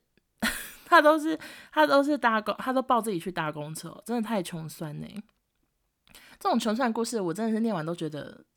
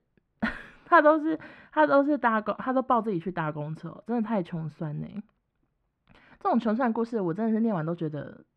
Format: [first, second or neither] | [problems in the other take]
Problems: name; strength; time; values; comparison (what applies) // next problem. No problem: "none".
first | muffled; very; fading above 1.5 kHz